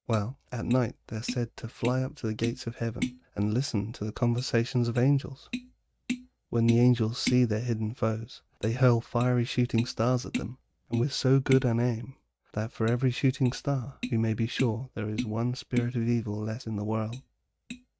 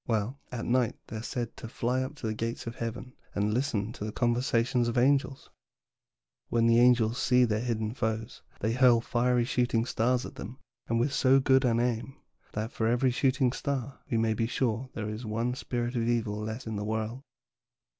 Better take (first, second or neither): second